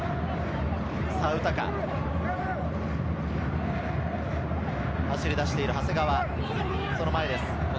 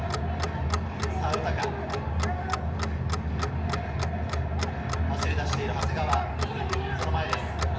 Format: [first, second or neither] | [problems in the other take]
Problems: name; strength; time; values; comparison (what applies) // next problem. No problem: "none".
first | background sound (Clock); 9 dB below the speech // room echo; dies away in 0.8 s